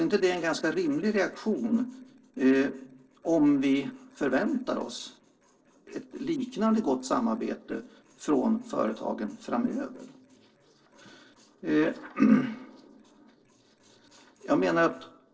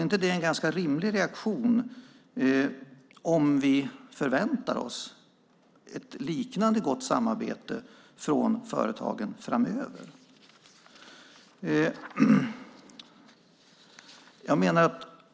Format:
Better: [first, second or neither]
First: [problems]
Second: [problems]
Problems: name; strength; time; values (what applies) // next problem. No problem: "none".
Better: second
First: noise reduction (neural separator model SepFormer DNS4)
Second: none